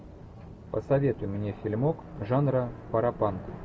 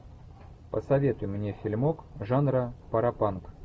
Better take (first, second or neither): second